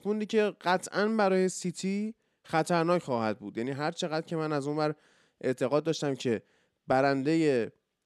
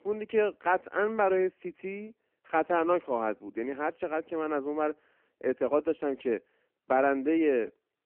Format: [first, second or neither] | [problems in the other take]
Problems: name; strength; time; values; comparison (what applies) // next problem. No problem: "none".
first | phone-call audio; poor line